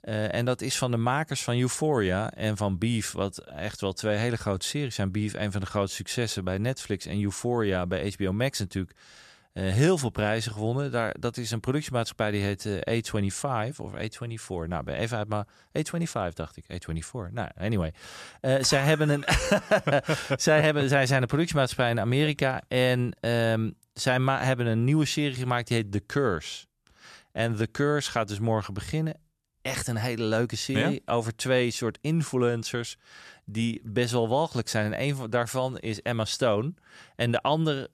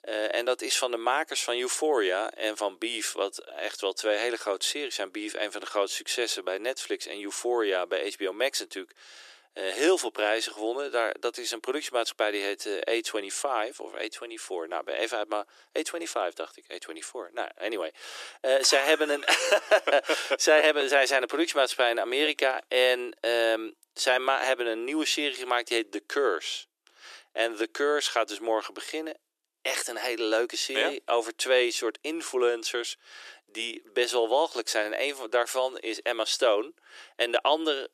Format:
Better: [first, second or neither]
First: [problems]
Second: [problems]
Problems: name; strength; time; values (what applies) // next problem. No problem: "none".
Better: first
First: none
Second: thin; very; fading below 350 Hz